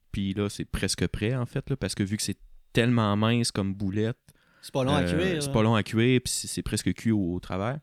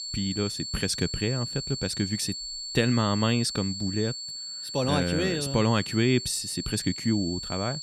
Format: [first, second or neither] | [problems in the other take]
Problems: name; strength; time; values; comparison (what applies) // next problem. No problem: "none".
first | high-pitched whine; loud; throughout; 4.5 kHz, 6 dB below the speech